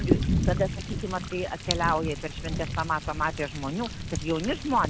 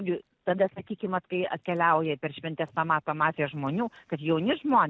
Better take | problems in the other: second | background sound (Thunder); as loud as the speech

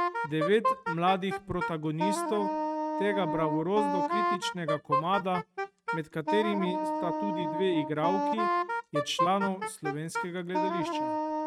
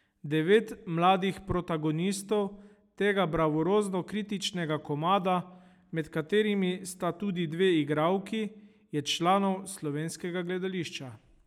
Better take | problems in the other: second | noise reduction (neural mask model RNNoise)

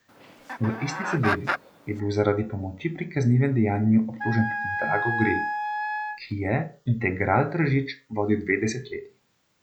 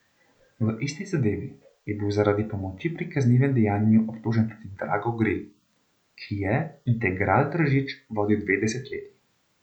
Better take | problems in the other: second | background sound (Chicken, rooster + Wind instrument, woodwind instrument); 4 dB below the speech

